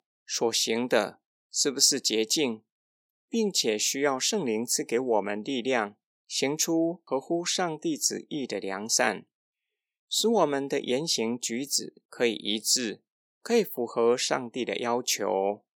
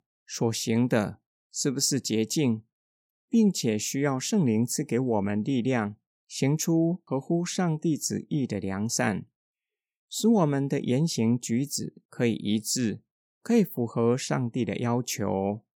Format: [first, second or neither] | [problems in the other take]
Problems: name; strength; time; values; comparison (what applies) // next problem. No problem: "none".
second | thin; somewhat; fading below 450 Hz